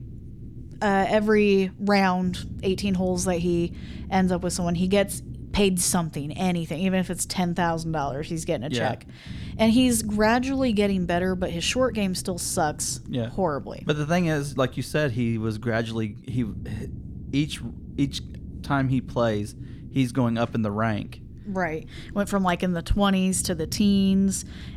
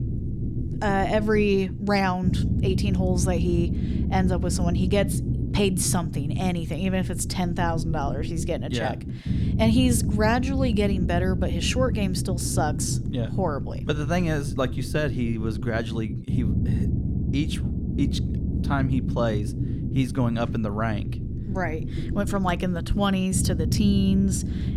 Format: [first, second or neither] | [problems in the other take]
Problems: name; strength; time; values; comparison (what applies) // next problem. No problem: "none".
first | low rumble; loud; throughout; 9 dB below the speech; faint in the first